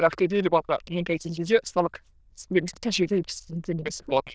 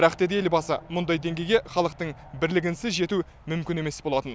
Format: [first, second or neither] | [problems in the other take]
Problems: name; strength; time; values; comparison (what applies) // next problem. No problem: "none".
second | noise reduction (neural diffusion model UNIVERSE++)